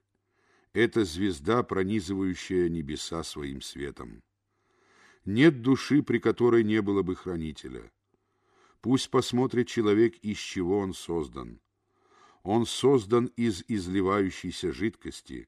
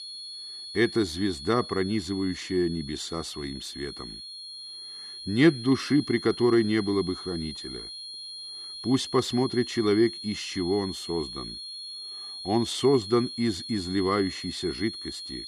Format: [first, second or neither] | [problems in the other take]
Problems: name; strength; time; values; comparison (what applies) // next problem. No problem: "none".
first | high-pitched whine; noticeable; throughout; 4.5 kHz, 10 dB below the speech